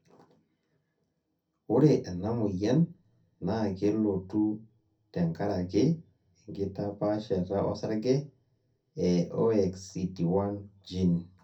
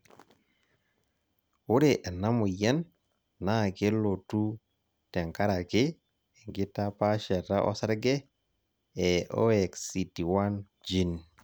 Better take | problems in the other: second | room echo; dies away in 0.3 s

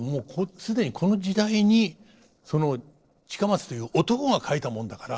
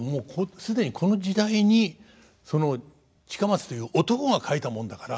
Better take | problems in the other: second | noise reduction (neural separator model SepFormer DNS4)

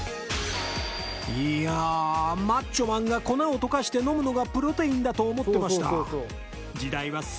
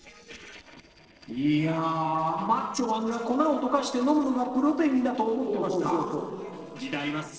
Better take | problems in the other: first | noise reduction (neural separator model SepFormer DNS4)

